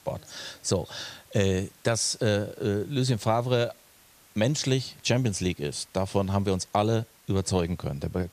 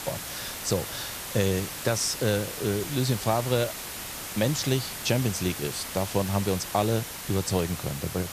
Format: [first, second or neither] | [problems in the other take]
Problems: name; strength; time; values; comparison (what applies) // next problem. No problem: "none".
first | hiss; loud; throughout; 6 dB below the speech; faint in the first